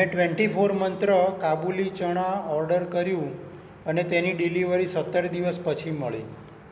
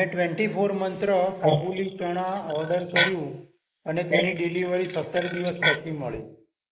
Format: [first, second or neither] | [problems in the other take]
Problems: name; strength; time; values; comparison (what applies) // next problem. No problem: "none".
first | noise reduction (neural mask model Resemble Enhance denoiser)